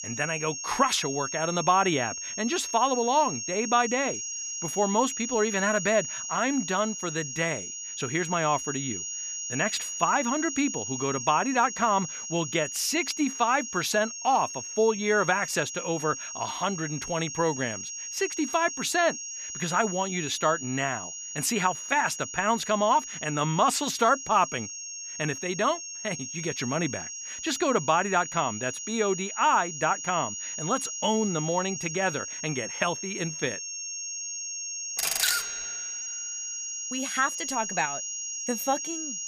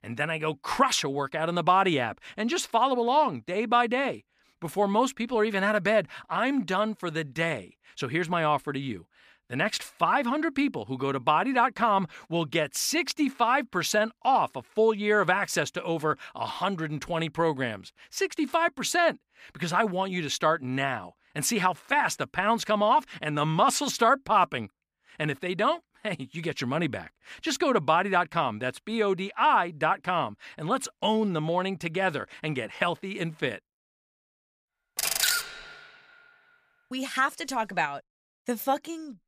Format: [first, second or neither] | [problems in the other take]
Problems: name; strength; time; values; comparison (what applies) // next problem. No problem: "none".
second | high-pitched whine; loud; throughout; 6.5 kHz, 6 dB below the speech